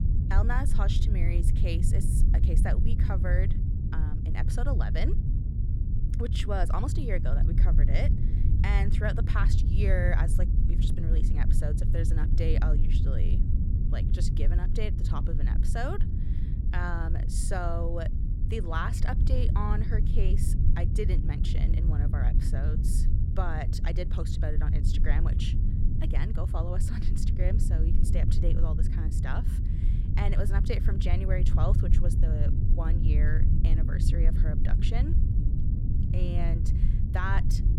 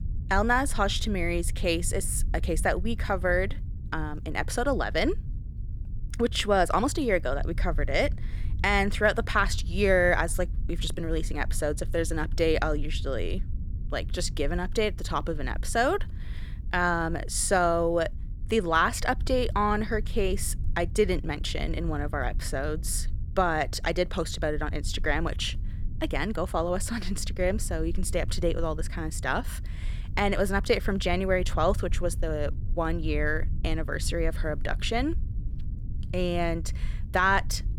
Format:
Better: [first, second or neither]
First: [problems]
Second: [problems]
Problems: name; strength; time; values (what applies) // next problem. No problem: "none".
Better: second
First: low rumble; loud; throughout; 5 dB below the speech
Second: low rumble; faint; throughout; 25 dB below the speech